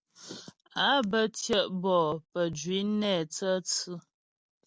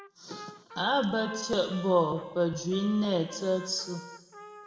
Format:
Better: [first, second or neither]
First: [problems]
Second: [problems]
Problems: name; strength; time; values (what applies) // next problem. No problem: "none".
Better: first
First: none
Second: background sound (Trumpet); 18 dB below the speech // room echo; dies away in 1.3 s